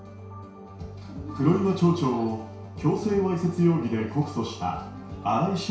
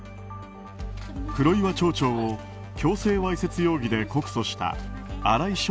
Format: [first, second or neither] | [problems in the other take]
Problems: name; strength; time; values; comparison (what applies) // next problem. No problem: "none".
second | room echo; dies away in 0.6 s